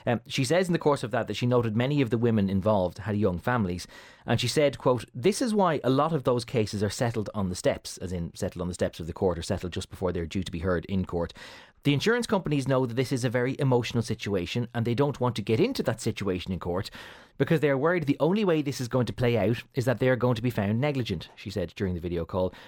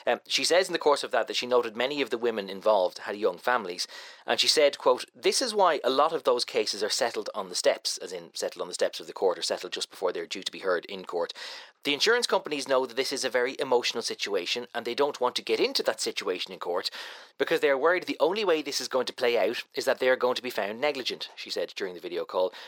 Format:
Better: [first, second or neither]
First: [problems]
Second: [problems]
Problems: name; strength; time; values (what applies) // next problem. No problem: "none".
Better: first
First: none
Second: thin; very; fading below 400 Hz